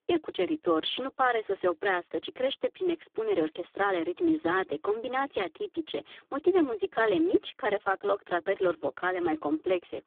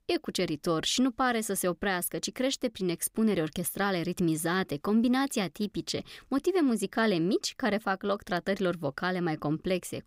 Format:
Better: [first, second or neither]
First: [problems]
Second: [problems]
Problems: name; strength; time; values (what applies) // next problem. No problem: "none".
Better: second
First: phone-call audio; poor line; nothing above 3.5 kHz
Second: none